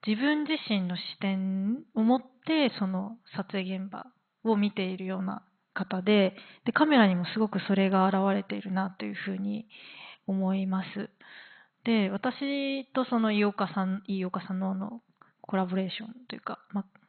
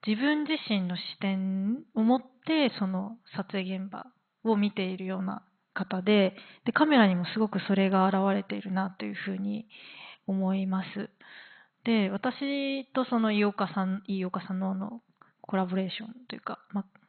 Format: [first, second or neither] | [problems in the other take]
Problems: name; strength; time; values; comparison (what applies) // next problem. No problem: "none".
neither | garbled, watery; badly; nothing above 4 kHz; the same in both